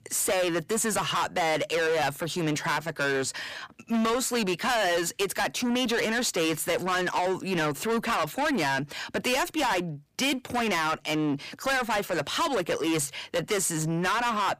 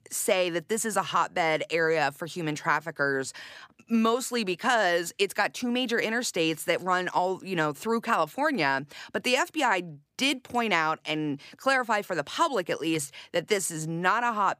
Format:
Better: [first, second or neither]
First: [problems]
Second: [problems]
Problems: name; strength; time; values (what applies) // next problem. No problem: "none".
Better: second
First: distortion; heavy; 6 dB below the speech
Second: none